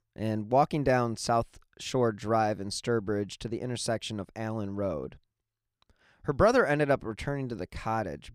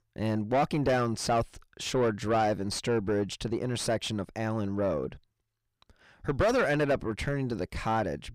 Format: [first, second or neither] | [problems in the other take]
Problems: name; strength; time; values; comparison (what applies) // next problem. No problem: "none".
first | distortion; heavy; 7 dB below the speech